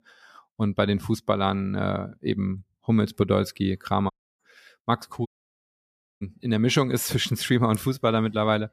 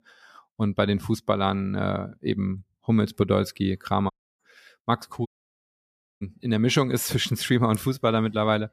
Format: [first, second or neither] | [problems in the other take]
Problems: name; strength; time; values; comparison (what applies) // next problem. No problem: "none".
neither | audio cutting out; at 4 s and at 5.5 s for 1 s; the same in both